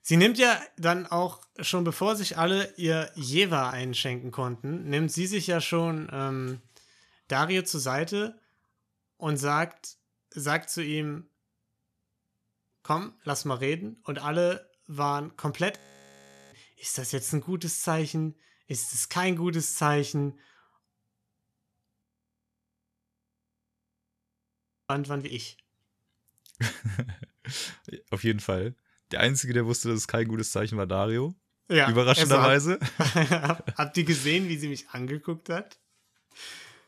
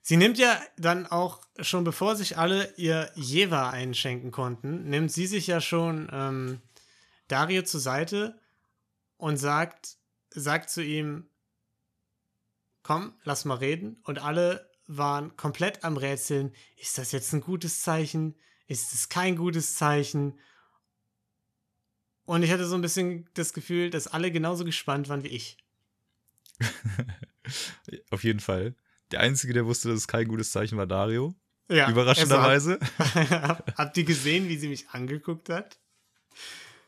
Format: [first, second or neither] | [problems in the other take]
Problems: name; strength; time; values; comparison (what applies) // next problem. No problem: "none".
second | audio freezing; at 16 s for 1 s and at 22 s for 3 s